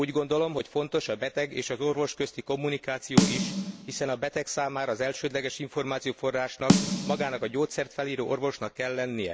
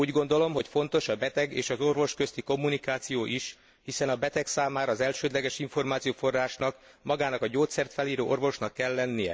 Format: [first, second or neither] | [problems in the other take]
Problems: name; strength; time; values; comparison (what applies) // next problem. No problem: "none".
second | background sound (Snare drum); 1 dB above the speech